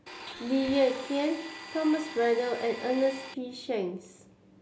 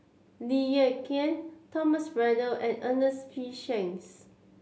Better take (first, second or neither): second